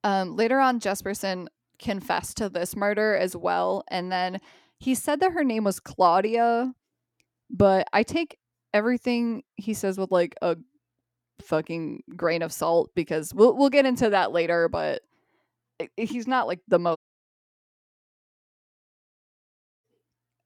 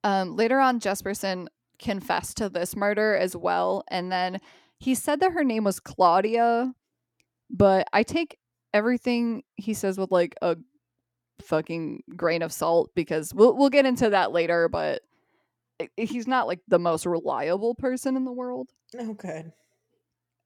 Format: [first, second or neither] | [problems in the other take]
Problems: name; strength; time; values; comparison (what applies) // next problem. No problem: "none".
second | audio cutting out; at 17 s for 3 s